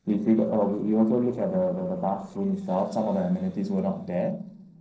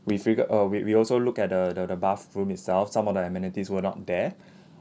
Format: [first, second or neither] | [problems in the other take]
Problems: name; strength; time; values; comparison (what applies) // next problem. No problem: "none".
second | noise reduction (neural separator model SepFormer DNS4)